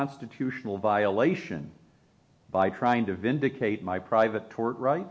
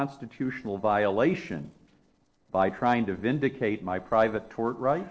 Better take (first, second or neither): first